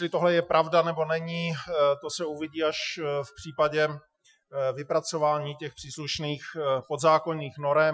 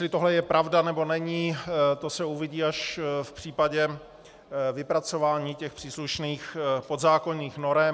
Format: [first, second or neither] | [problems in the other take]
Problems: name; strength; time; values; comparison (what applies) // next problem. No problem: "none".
second | noise reduction (classical method Wiener filter)